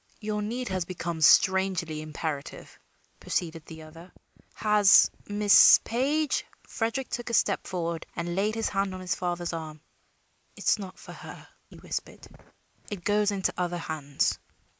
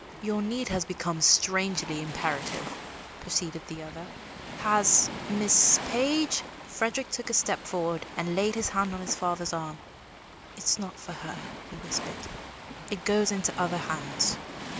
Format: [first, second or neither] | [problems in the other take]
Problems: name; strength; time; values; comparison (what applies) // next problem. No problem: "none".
first | background sound (Waves, surf); 11 dB below the speech